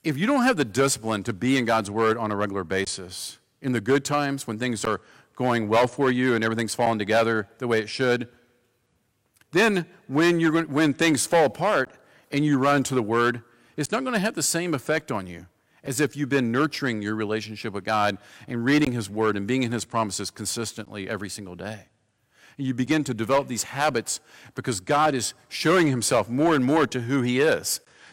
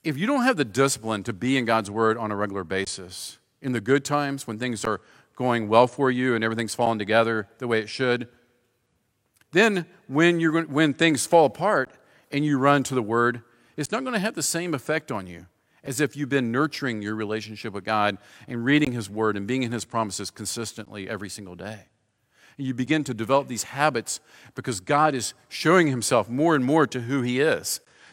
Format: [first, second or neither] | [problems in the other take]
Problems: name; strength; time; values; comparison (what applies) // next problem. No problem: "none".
second | distortion; slight; 3% of the sound clipped